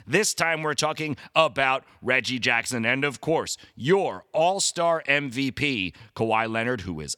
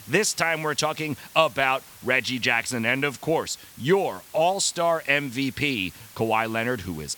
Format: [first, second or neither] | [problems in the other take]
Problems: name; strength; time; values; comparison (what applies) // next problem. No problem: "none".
first | hiss; faint; throughout; 20 dB below the speech